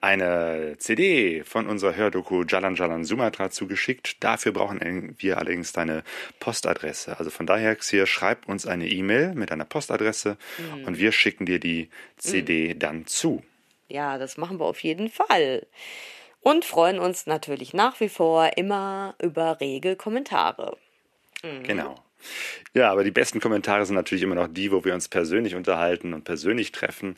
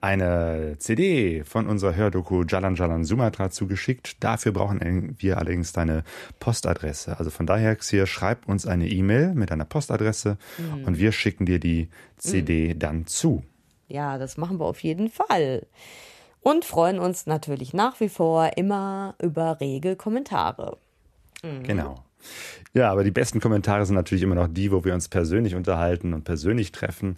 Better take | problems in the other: second | thin; somewhat; fading below 300 Hz

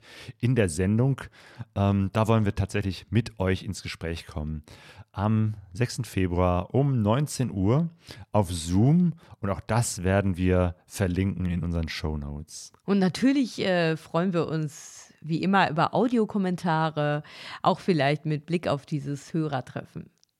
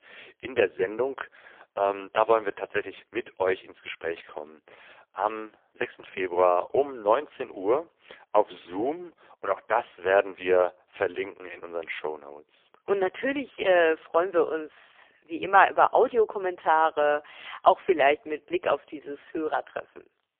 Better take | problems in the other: first | phone-call audio; poor line; nothing above 3 kHz

